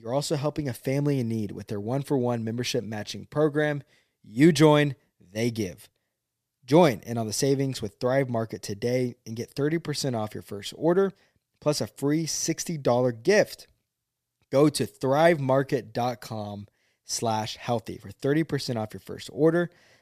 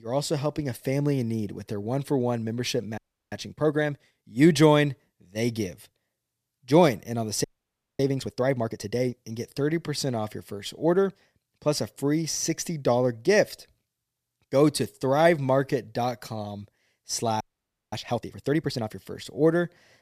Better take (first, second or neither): first